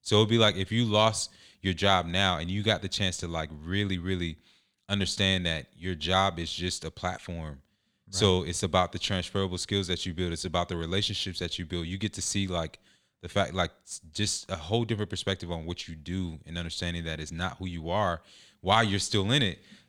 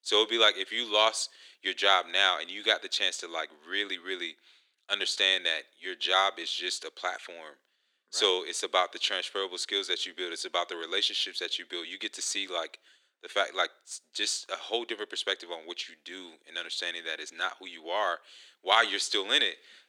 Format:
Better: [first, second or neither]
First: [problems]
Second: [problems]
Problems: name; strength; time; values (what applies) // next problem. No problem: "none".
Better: first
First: none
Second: thin; very; fading below 350 Hz